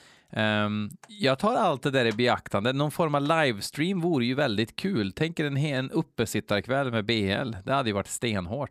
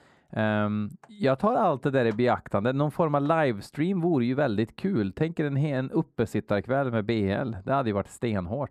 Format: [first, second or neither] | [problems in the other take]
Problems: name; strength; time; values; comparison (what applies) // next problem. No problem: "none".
first | muffled; slightly; fading above 2 kHz